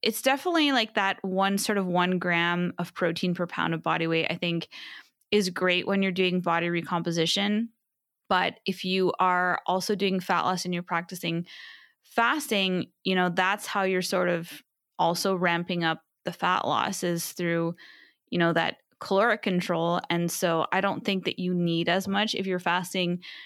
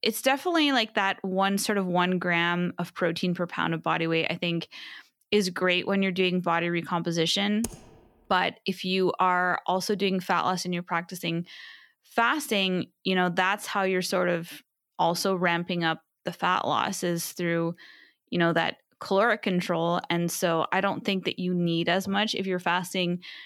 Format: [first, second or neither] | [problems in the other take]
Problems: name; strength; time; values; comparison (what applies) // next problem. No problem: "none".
first | keyboard typing; faint; at 7.5 s; peak 10 dB below the speech